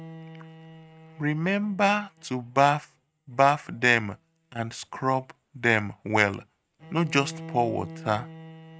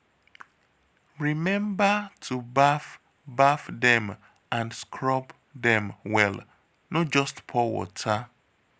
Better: second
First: noise reduction (neural mask model RNNoise)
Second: none

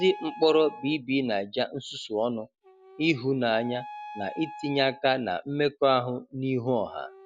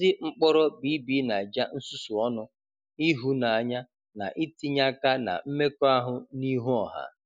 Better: second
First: background sound (Wind instrument, woodwind instrument); 18 dB below the speech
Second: none

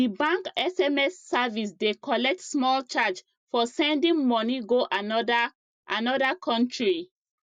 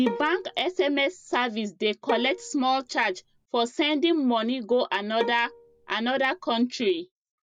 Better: first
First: none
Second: background sound (Bowed string instrument); 11 dB below the speech

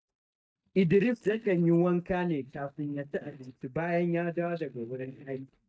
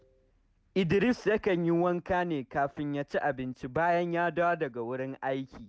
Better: second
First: noise reduction (neural mask model DeepFilterNet 3)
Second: none

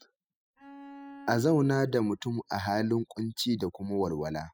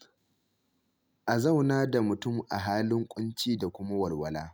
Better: second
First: noise reduction (classical method spectral subtraction)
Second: none

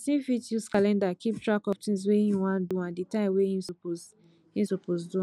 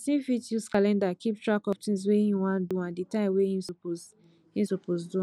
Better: second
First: background sound (Whoosh, swoosh, swish); 17 dB below the speech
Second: none

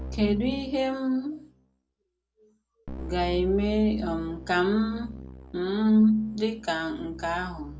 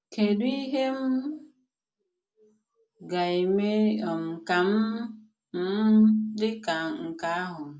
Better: second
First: background sound (Keyboard (musical)); 13 dB below the speech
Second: none

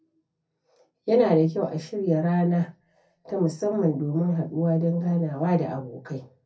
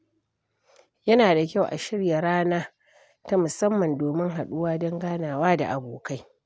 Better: second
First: room echo; dies away in 0.3 s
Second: none

